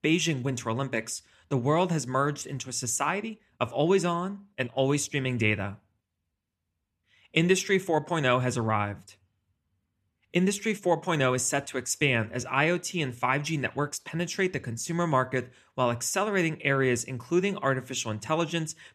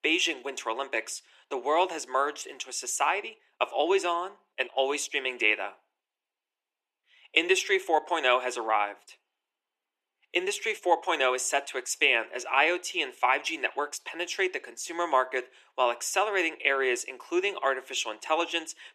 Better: first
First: none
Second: thin; very; fading below 350 Hz

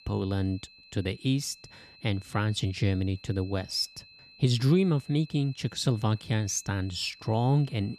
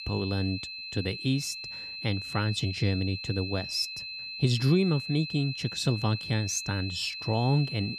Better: first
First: high-pitched whine; faint; throughout; 4 kHz, 20 dB below the speech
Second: high-pitched whine; loud; throughout; 4 kHz, 7 dB below the speech

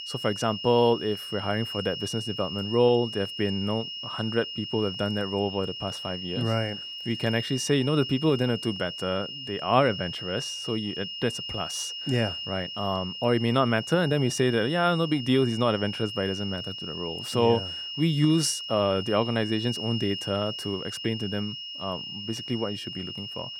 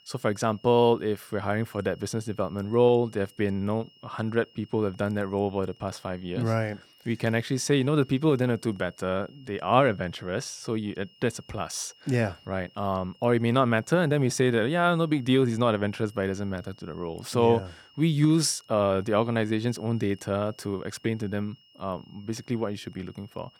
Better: second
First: high-pitched whine; loud; throughout; 3 kHz, 7 dB below the speech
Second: high-pitched whine; faint; throughout; 3 kHz, 30 dB below the speech

